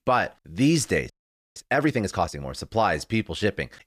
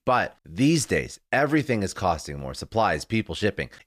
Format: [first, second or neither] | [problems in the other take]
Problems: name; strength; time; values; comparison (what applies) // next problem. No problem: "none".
second | audio freezing; at 1 s